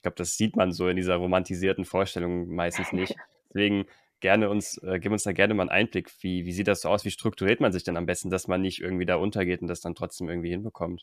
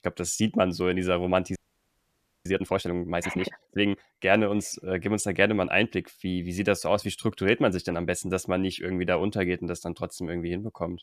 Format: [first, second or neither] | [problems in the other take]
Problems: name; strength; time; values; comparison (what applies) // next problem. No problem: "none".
first | audio freezing; at 1.5 s for 1 s